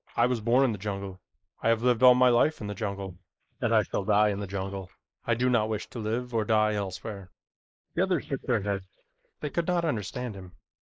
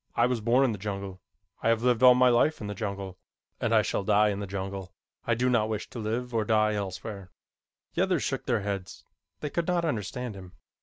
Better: second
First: noise reduction (neural mask model Resemble Enhance denoiser)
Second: none

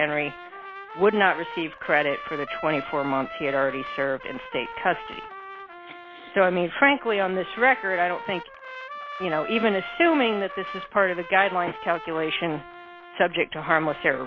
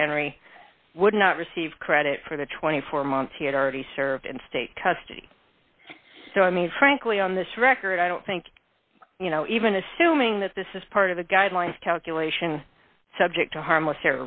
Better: second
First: background sound (Trumpet); 13 dB below the speech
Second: none

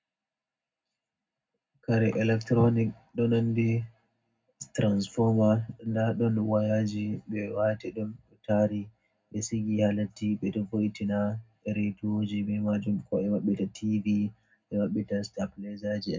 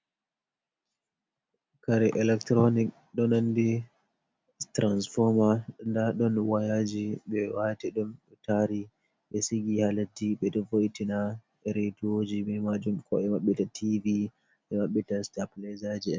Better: second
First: room echo; dies away in 0.3 s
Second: none

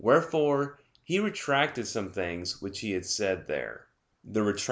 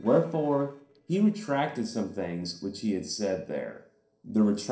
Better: first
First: none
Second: noise reduction (neural separator model SepFormer DNS4)

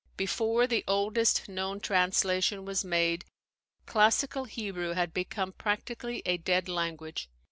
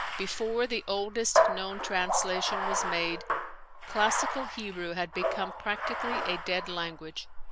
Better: first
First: none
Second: background sound (Bathtub (filling or washing)); as loud as the speech

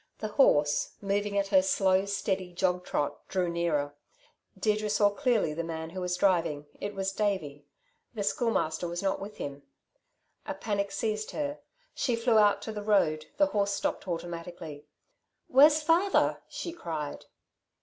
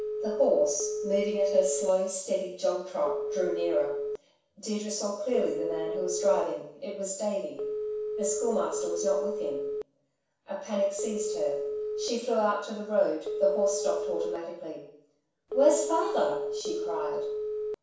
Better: first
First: none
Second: background sound (Telephone); 5 dB below the speech // room echo; dies away in 0.7 s

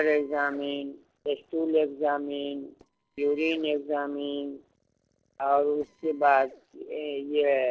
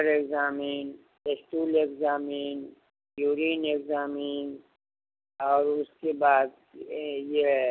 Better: second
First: noise reduction (neural separator model SepFormer DNS4)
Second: none

